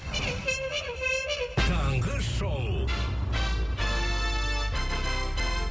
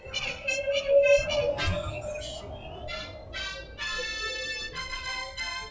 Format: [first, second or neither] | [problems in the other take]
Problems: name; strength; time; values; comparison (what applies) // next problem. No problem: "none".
first | noise reduction (classical method log-MMSE)